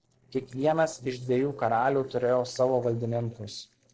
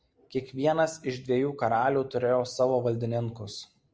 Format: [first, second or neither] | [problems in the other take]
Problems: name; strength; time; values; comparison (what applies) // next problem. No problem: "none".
second | noise reduction (neural separator model SepFormer DNS4)